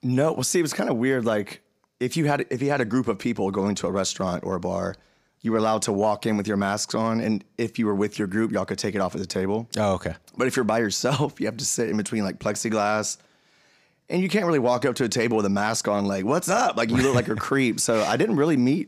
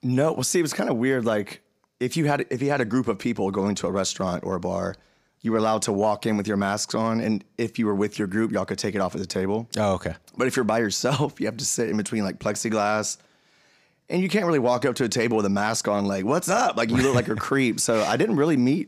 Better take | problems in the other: neither | none

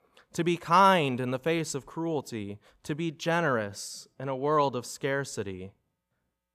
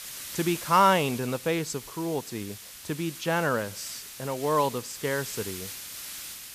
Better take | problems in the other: first | hiss; noticeable; throughout; 10 dB below the speech

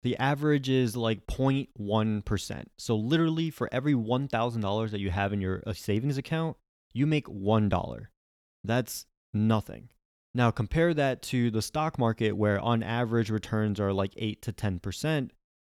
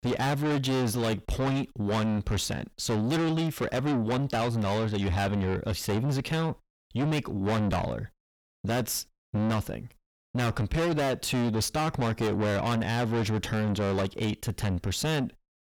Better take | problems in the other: first | distortion; heavy; 5 dB below the speech

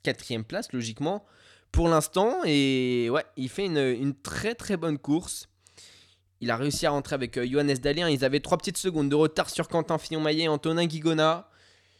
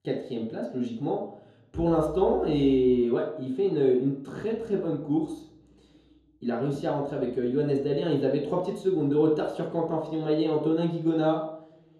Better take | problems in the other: first | room echo; noticeable; dies away in 1.7 s // off-mic speech; far

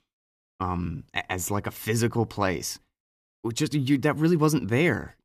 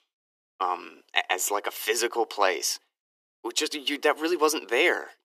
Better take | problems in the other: first | thin; very; fading below 400 Hz

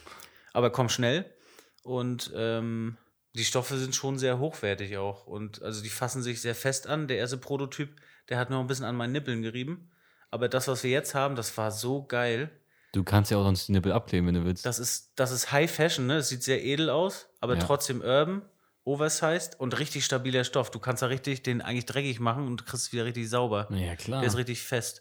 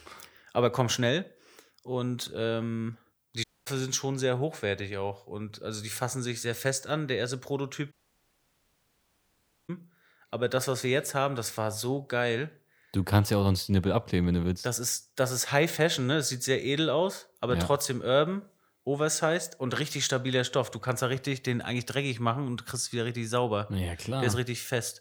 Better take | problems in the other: first | audio cutting out; at 3.5 s and at 8 s for 2 s

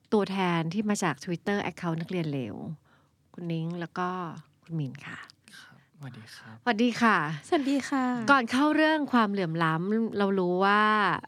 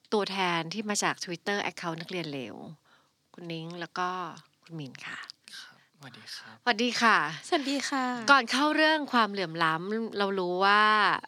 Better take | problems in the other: first | thin; very slightly; fading below 500 Hz

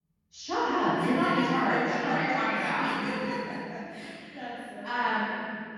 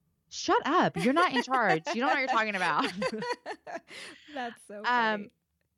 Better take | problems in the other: second | off-mic speech; far // room echo; strong; dies away in 2.9 s

